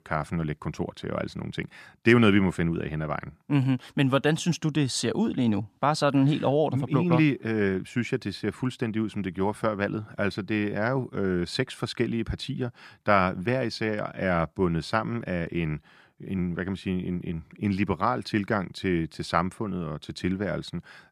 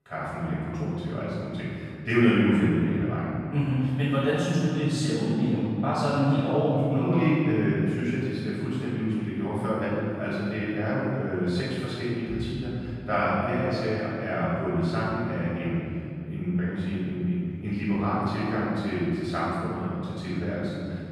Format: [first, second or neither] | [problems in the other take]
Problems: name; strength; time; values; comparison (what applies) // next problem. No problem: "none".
first | room echo; strong; dies away in 2.7 s // off-mic speech; far